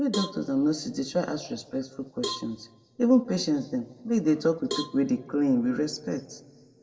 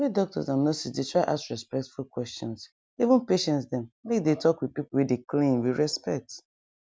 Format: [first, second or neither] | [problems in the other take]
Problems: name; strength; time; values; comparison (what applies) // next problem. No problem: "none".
second | background sound (Cowbell); 14 dB below the speech // room echo; dies away in 1.8 s